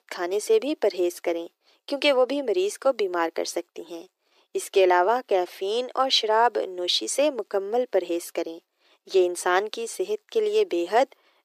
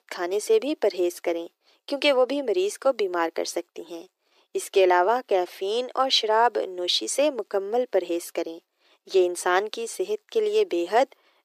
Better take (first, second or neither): neither